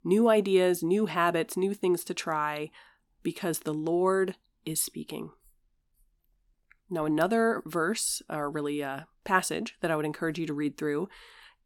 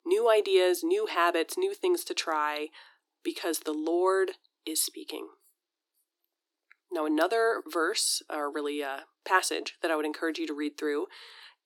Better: first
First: none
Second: thin; somewhat; fading below 300 Hz

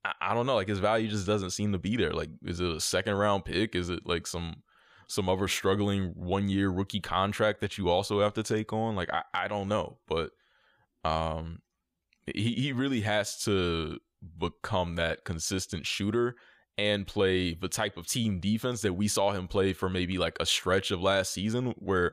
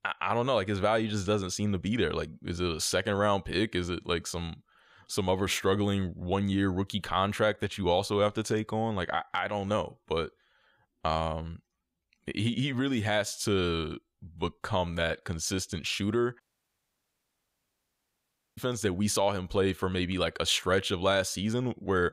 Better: first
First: none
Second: audio cutting out; at 16 s for 2 s

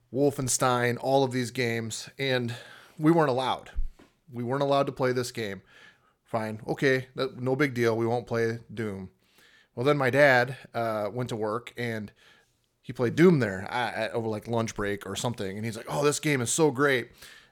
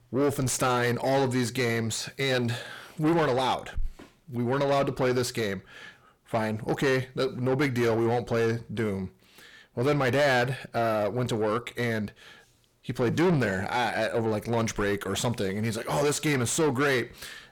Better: first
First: none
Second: distortion; heavy; 6 dB below the speech

